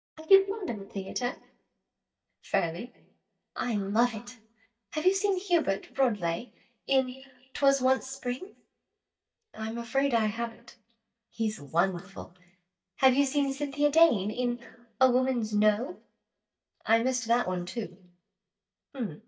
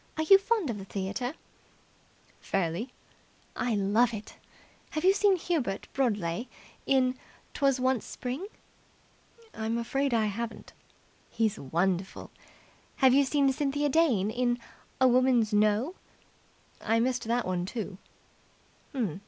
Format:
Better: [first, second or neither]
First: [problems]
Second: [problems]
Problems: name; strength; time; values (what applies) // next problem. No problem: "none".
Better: second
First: noise reduction (neural mask model DeepFilterNet 3)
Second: none